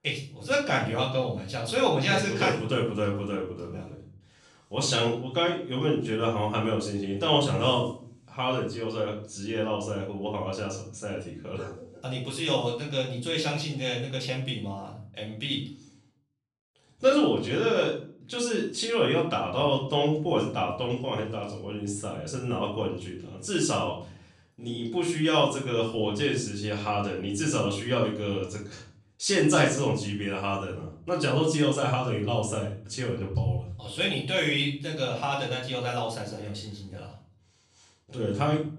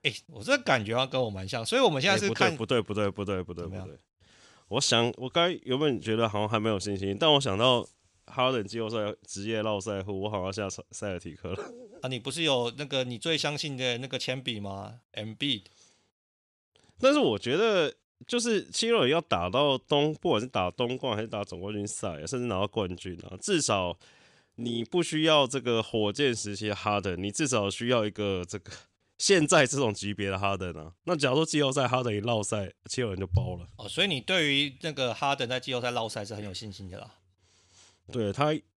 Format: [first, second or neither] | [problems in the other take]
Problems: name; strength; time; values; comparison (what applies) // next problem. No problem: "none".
second | off-mic speech; far // room echo; slight; dies away in 0.4 s